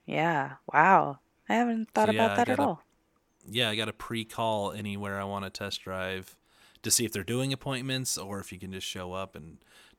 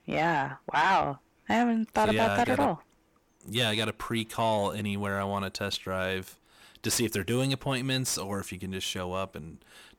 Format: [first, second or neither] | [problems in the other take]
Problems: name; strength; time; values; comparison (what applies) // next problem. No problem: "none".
first | distortion; heavy; 6 dB below the speech